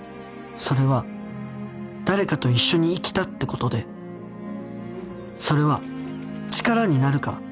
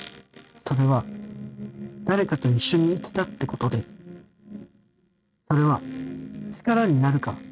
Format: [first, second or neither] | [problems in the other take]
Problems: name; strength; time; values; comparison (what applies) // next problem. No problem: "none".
first | noise reduction (neural mask model RNNoise)